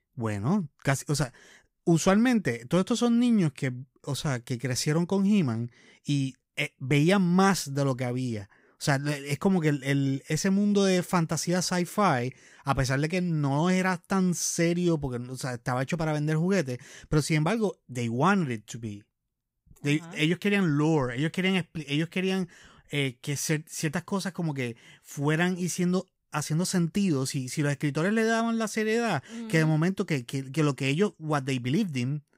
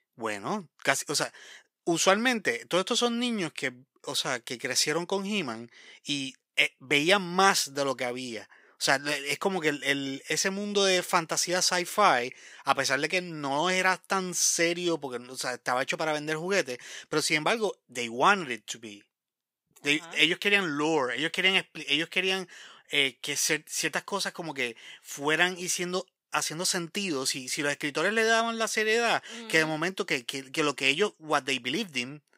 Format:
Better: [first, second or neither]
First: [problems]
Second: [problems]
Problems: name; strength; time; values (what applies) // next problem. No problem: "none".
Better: first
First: none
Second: thin; somewhat; fading below 450 Hz